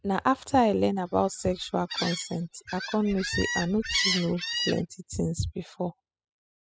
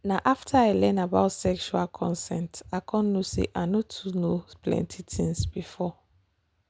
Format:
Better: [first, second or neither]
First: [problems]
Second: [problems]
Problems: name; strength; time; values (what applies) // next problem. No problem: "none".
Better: second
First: noise reduction (classical method spectral subtraction)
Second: none